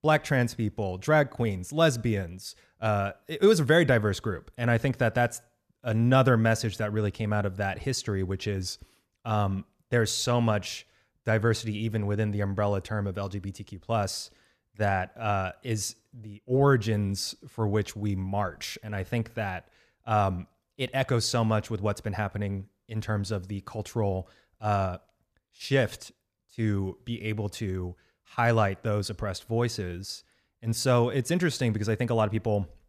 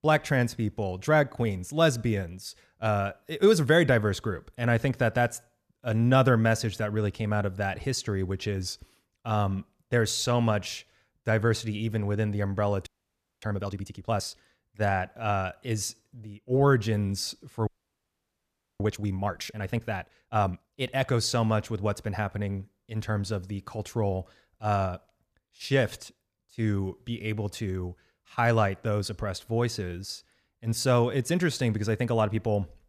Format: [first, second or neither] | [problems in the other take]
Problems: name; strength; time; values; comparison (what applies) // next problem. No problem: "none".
first | audio freezing; at 13 s for 0.5 s and at 18 s for 1 s